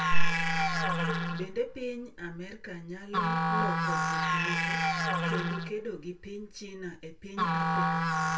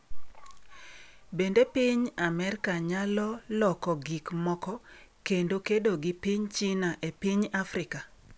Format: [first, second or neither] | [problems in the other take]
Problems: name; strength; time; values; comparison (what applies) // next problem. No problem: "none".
second | background sound (Musical instrument); as loud as the speech // room echo; dies away in 0.2 s